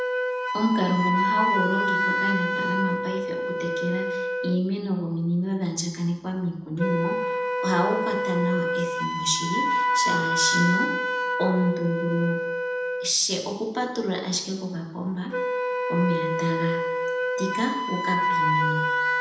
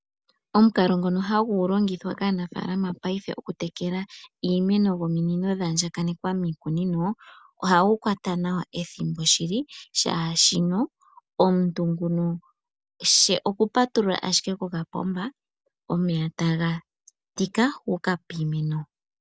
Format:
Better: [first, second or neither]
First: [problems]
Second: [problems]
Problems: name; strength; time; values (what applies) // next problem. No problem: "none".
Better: second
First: background sound (Wind instrument, woodwind instrument); 1 dB above the speech // room echo; dies away in 0.8 s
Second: none